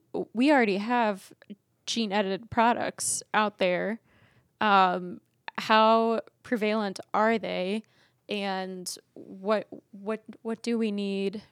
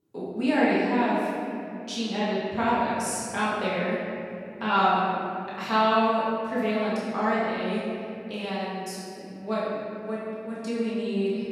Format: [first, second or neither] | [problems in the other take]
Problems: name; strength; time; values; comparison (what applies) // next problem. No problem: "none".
first | room echo; strong; dies away in 2.8 s // off-mic speech; far